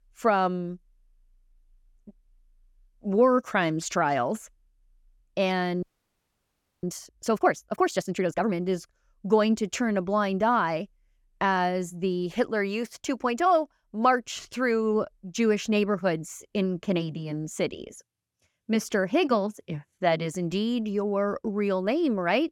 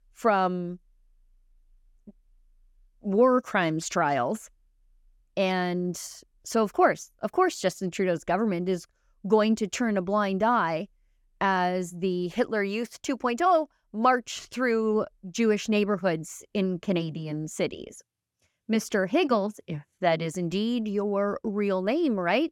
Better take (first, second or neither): second